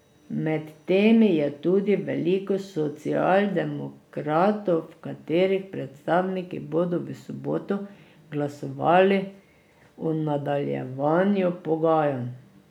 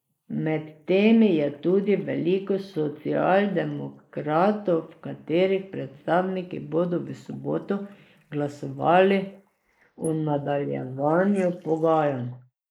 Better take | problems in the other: first | noise reduction (neural mask model Resemble Enhance denoiser)

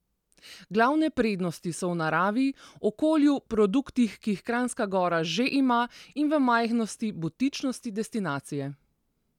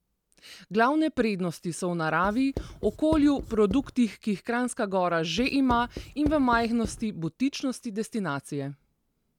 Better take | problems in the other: first | background sound (Writing); 12 dB below the speech

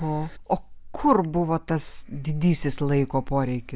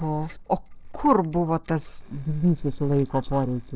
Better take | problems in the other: first | noise reduction (neural separator model SepFormer DNS4)

